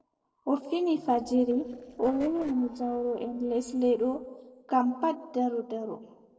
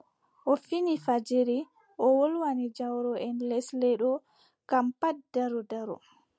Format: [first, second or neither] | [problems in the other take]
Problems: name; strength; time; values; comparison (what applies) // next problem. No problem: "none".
second | noise reduction (neural separator model SepFormer DNS4)